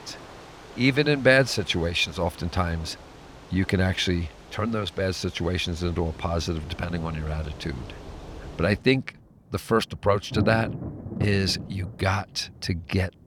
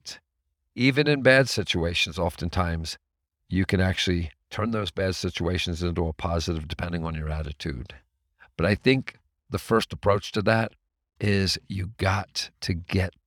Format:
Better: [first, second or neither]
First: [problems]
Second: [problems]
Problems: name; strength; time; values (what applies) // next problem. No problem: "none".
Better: second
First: rain or running water; noticeable; throughout; 15 dB below the speech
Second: none